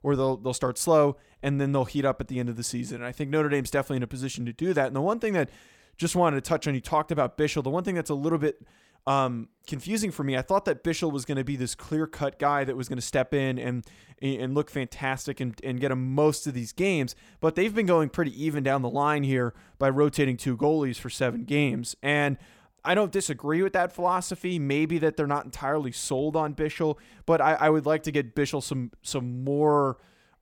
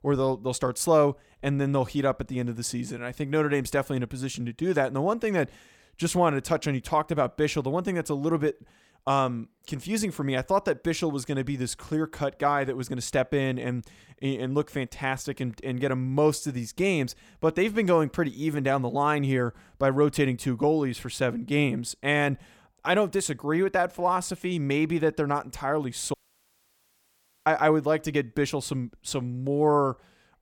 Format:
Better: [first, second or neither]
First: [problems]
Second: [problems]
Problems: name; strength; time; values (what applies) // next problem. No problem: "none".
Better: first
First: none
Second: audio cutting out; at 26 s for 1.5 s